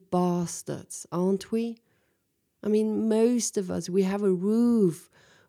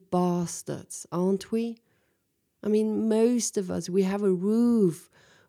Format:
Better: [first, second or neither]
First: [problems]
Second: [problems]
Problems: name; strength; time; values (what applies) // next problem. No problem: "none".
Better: neither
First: none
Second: none